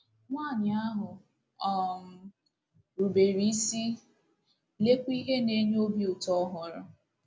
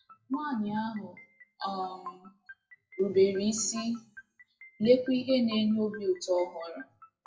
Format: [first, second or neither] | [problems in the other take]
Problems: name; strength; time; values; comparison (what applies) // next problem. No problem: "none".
first | noise reduction (classical method WPE with log-MMSE)